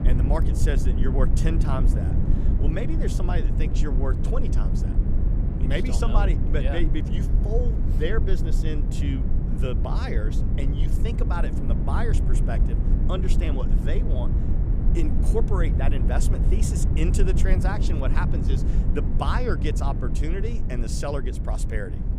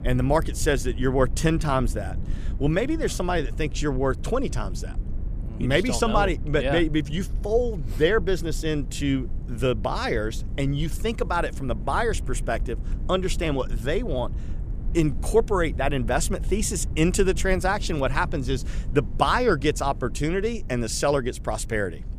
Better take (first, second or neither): second